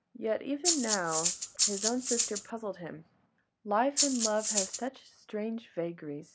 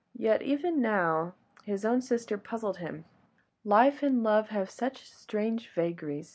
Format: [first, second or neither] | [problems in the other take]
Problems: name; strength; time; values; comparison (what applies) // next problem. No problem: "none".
second | background sound (Rattle (instrument)); 4 dB above the speech